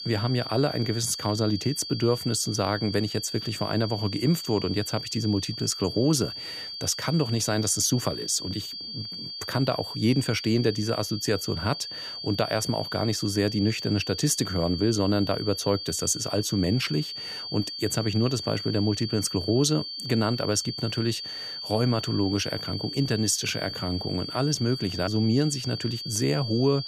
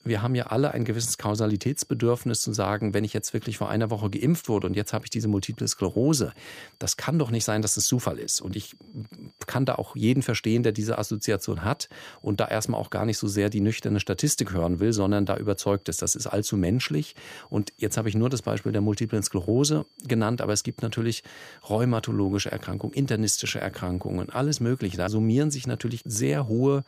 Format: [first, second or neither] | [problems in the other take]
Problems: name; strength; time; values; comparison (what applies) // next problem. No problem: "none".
second | high-pitched whine; loud; throughout; 4.5 kHz, 7 dB below the speech; faint in the second